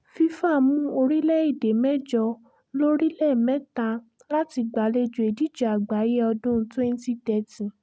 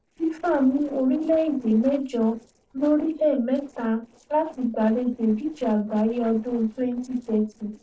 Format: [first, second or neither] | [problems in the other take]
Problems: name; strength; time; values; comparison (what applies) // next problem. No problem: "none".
first | noise reduction (neural separator model SepFormer DNS4)